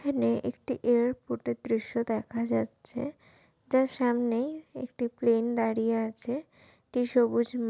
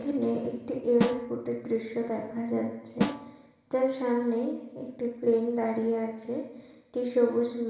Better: first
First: none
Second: background sound (Snare drum); 6 dB below the speech // room echo; dies away in 1.1 s

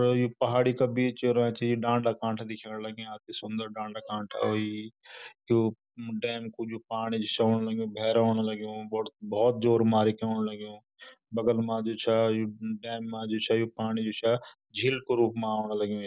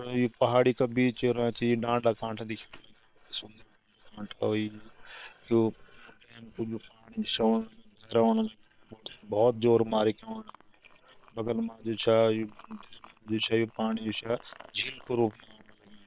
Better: first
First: none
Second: noise reduction (neural separator model SepFormer WHAM!)

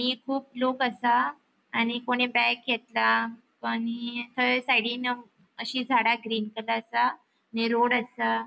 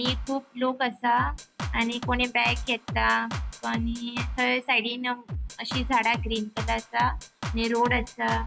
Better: first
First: none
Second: background sound (Drum kit); 7 dB below the speech

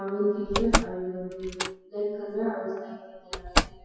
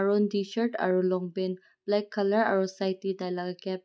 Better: second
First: noise reduction (classical method WPE with log-MMSE)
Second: none

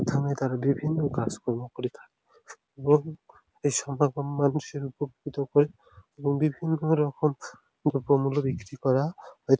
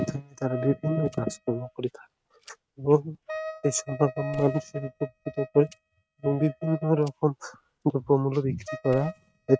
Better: first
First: none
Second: noise reduction (neural mask model RNNoise)

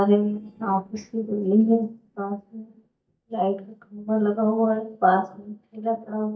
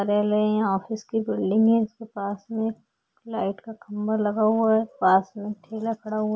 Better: second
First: noise reduction (neural mask model DeepFilterNet 3)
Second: none

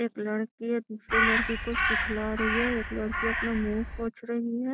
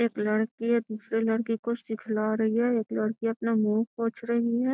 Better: second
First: background sound (Crow); 2 dB above the speech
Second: none

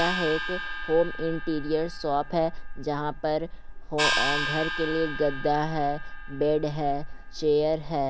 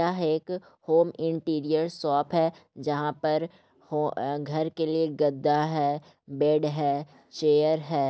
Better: second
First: background sound (Gong); 4 dB below the speech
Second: none

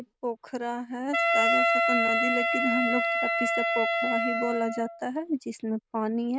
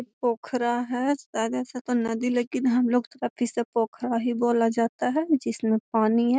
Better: second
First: background sound (Wind instrument, woodwind instrument); 4 dB above the speech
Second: none

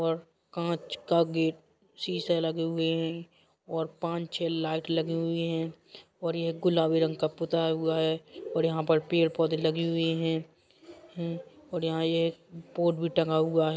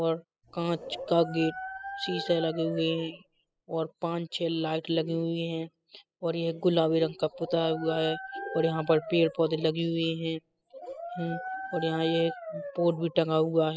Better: first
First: none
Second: noise reduction (classical method spectral subtraction)

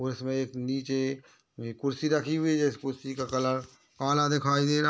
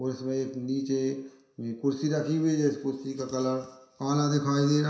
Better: first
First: none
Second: room echo; dies away in 0.7 s

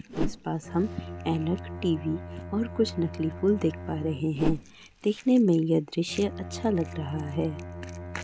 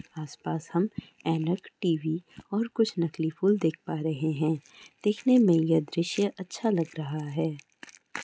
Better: second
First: background sound (Whoosh, swoosh, swish + Bowed string instrument); 8 dB below the speech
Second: none

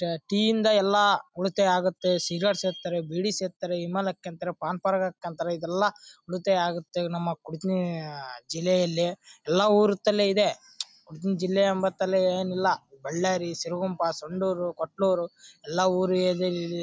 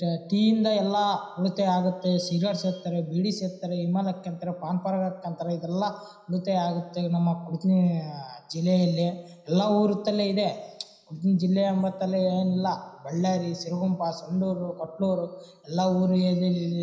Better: first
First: none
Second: room echo; dies away in 0.9 s

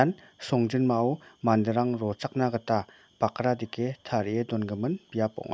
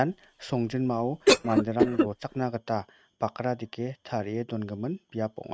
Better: first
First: none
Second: noise reduction (neural mask model RNNoise)

